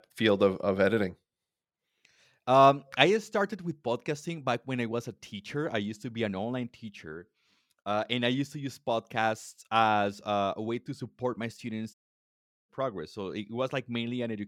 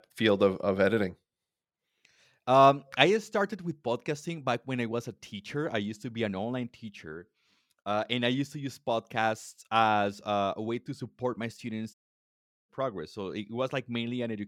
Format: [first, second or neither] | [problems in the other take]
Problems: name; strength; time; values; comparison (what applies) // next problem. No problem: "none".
neither | audio cutting out; at 12 s for 1 s; the same in both